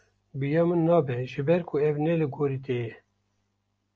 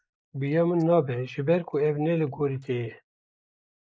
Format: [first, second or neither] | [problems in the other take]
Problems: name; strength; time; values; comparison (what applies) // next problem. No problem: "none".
first | noise reduction (neural mask model Resemble Enhance denoiser)